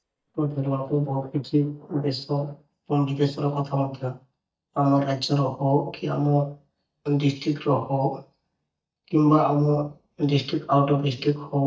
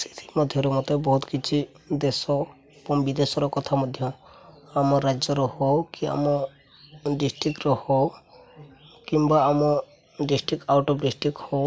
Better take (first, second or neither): second